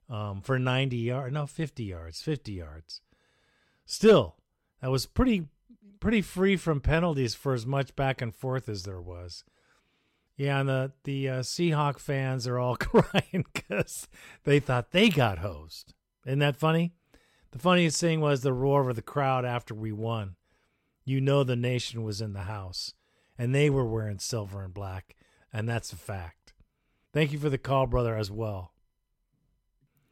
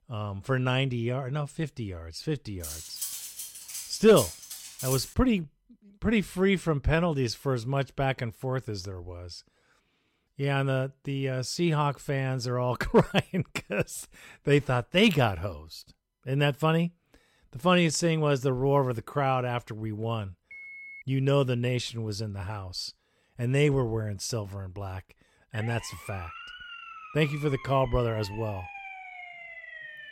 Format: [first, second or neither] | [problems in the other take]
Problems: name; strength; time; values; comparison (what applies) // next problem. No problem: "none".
first | clattering dishes; noticeable; from 2.5 to 5 s; peak 5 dB below the speech // phone ringing; faint; at 21 s; peak 15 dB below the speech // siren; faint; from 26 s on; peak 15 dB below the speech